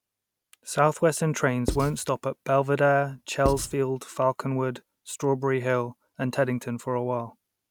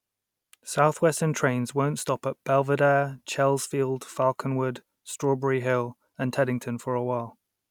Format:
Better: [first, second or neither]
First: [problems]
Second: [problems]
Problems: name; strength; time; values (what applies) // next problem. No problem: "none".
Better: second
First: background sound (Writing); 6 dB below the speech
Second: none